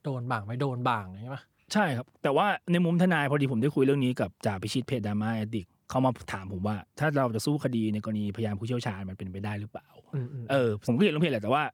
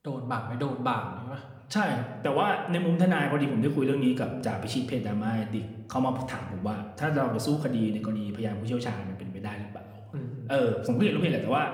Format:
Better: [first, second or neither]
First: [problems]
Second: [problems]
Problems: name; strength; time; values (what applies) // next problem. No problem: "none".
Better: first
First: none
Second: room echo; slight; dies away in 0.8 s